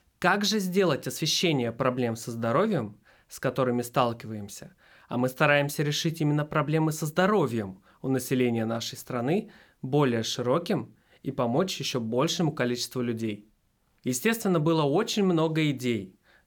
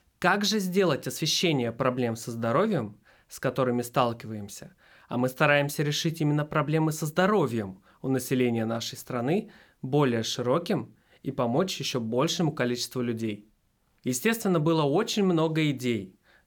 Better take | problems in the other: neither | none

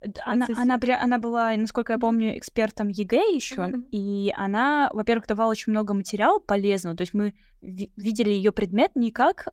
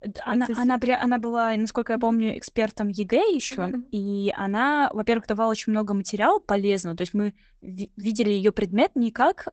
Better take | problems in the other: first | garbled, watery; badly; nothing above 8 kHz; slightly in the first

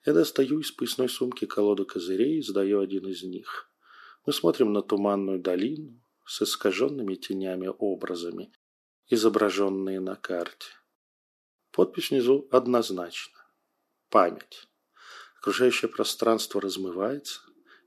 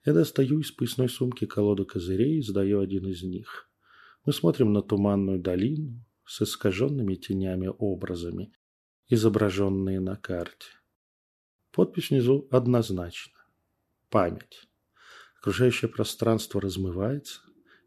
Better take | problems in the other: second | thin; somewhat; fading below 300 Hz

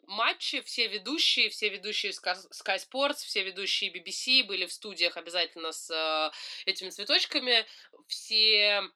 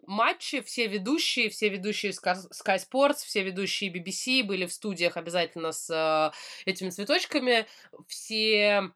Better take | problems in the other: second | thin; very slightly; fading below 250 Hz

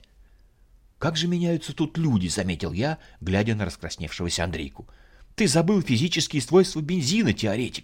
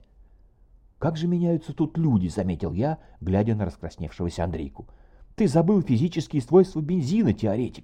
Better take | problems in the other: first | muffled; very; fading above 1 kHz

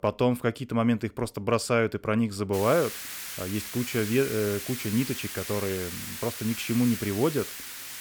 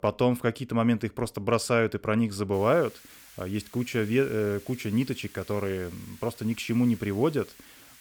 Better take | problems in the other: second | hiss; loud; from 2.5 s on; 7 dB below the speech; faint in the second

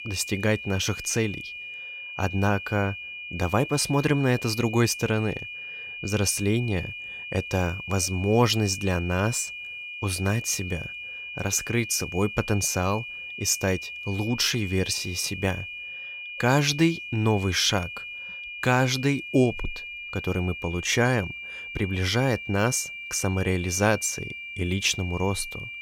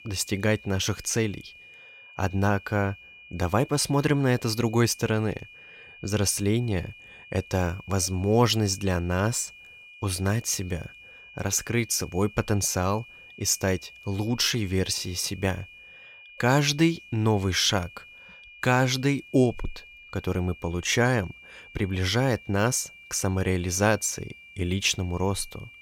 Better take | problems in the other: second | high-pitched whine; loud; throughout; 2.5 kHz, 9 dB below the speech; faint in the second

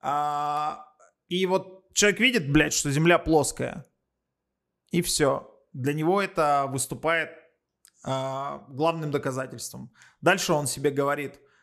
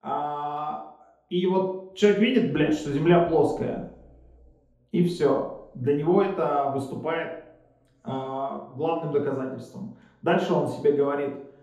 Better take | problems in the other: first | room echo; noticeable; dies away in 2.1 s // off-mic speech; far

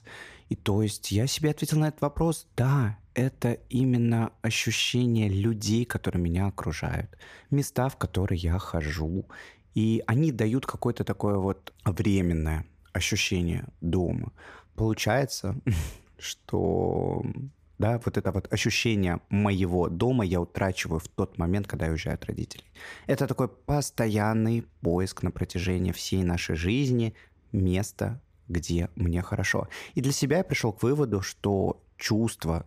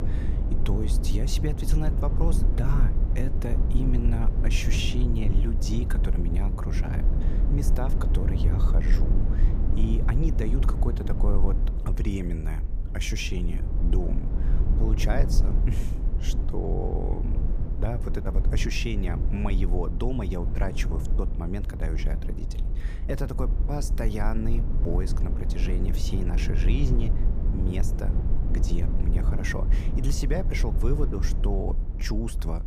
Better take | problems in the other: first | low rumble; loud; throughout; 6 dB below the speech

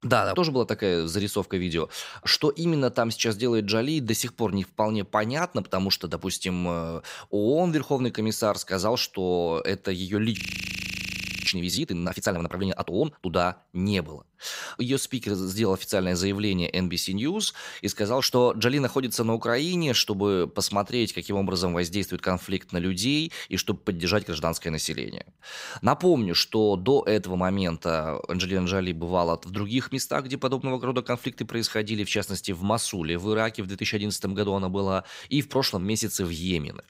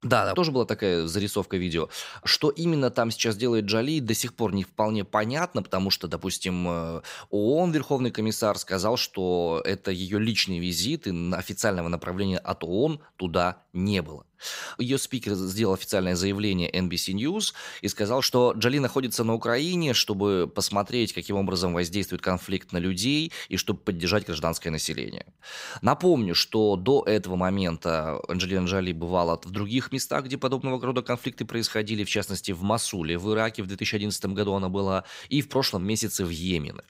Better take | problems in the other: second | audio freezing; at 10 s for 1 s

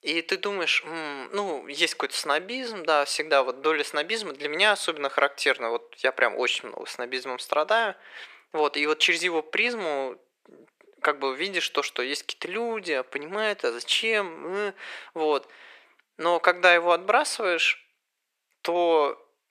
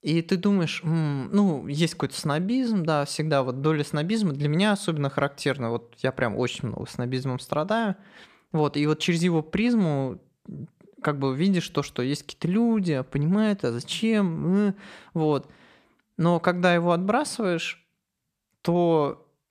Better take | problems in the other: second | thin; very; fading below 400 Hz

